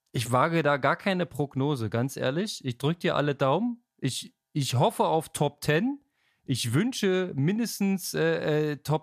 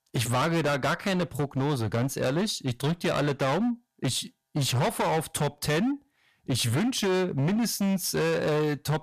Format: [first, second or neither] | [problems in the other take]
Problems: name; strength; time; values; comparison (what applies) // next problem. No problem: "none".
first | distortion; heavy; 24% of the sound clipped